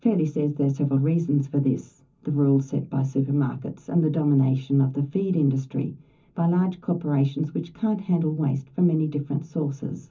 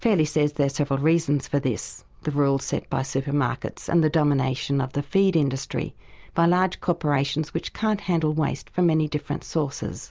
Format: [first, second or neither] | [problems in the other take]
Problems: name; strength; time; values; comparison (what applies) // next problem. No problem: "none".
second | room echo; dies away in 0.3 s